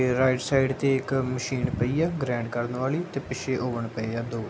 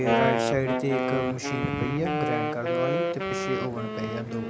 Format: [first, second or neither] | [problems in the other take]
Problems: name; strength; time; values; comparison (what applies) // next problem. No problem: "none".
first | background sound (Wind instrument, woodwind instrument); 2 dB above the speech